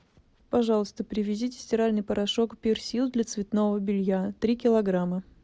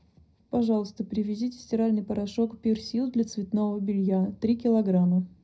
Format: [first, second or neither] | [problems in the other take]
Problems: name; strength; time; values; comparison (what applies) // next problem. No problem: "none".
first | room echo; dies away in 0.3 s